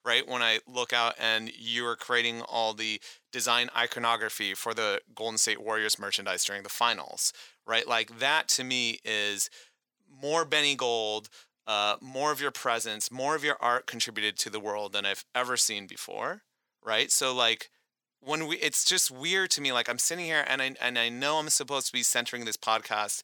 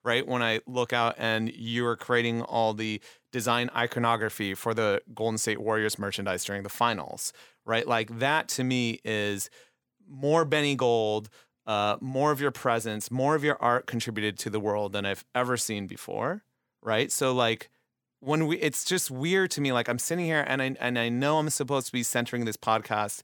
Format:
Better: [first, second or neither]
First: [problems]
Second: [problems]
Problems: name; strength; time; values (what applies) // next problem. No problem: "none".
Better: second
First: thin; somewhat; fading below 750 Hz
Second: none